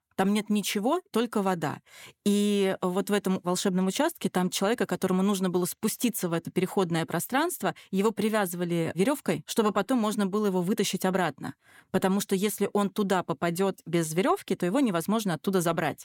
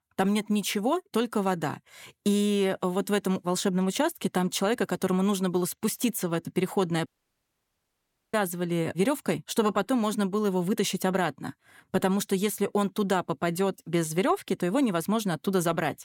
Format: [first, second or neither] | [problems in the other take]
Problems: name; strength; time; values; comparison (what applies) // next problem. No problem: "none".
first | audio cutting out; at 7 s for 1.5 s